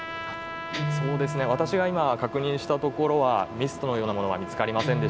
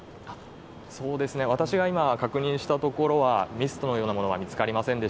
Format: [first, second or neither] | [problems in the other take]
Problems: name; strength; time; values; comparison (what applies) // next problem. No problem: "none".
second | background sound (Guitar + Trumpet); 7 dB below the speech